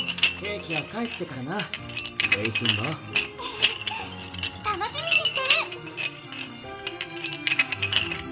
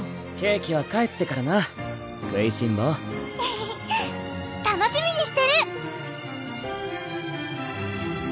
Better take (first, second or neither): second